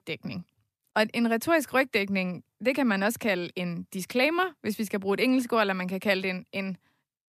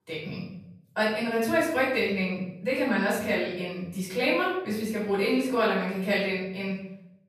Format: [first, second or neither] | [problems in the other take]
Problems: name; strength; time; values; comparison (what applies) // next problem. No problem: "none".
first | room echo; noticeable; dies away in 0.7 s // off-mic speech; far